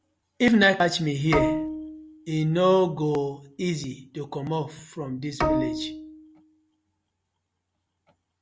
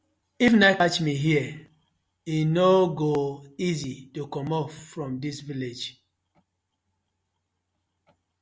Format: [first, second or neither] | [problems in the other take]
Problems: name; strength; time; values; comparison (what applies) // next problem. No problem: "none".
second | background sound (Bowed string instrument); 3 dB below the speech